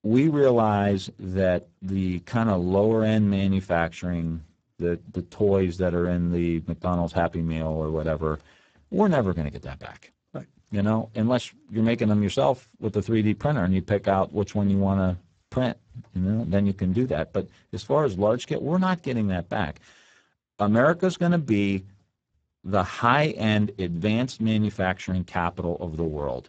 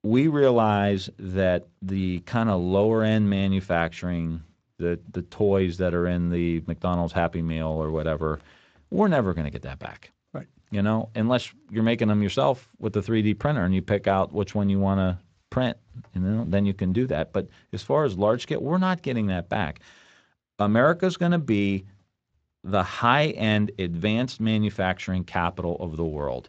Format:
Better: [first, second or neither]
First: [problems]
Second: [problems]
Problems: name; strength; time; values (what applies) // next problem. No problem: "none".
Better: second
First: garbled, watery; badly; nothing above 7.5 kHz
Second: garbled, watery; slightly